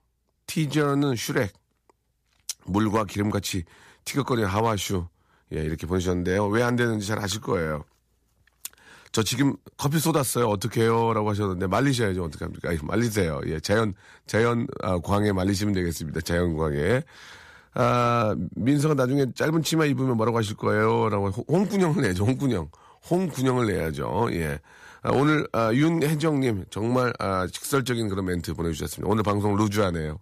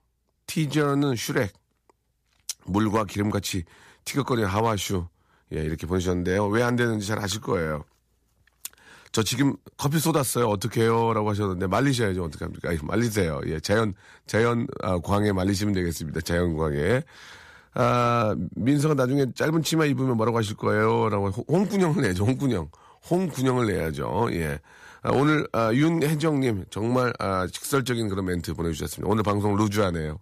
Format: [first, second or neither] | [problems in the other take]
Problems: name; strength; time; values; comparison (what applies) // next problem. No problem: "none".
neither | none